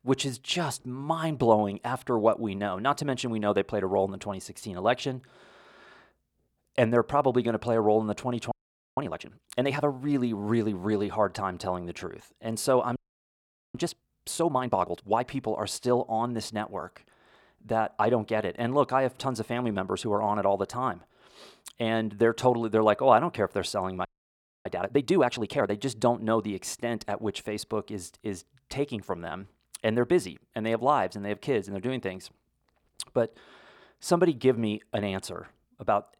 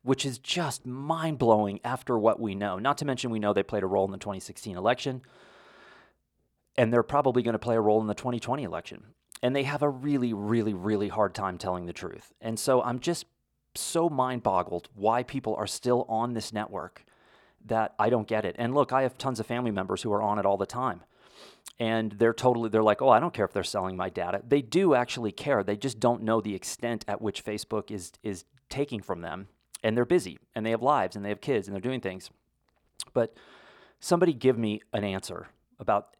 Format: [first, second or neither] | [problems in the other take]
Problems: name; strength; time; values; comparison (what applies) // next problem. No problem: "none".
second | audio freezing; at 8.5 s, at 13 s for 1 s and at 24 s for 0.5 s